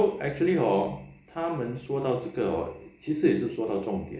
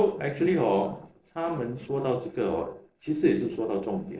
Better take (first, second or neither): first